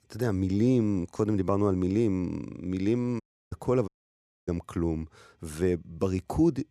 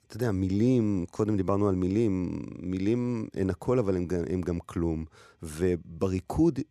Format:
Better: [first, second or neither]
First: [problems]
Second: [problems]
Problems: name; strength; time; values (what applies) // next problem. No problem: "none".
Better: second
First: audio cutting out; at 3 s and at 4 s for 0.5 s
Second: none